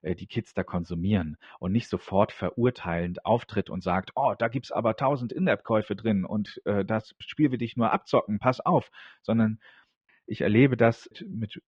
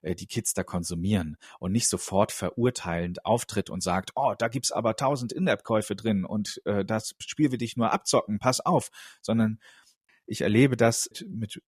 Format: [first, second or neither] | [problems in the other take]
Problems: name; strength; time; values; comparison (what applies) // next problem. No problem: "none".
second | muffled; very; fading above 3 kHz